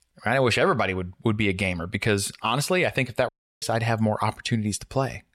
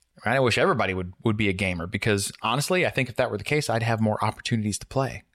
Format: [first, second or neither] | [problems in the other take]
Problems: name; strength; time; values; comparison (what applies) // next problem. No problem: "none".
second | audio cutting out; at 3.5 s